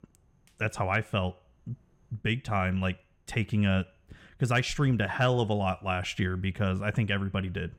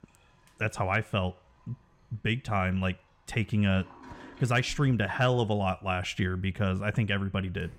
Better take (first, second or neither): first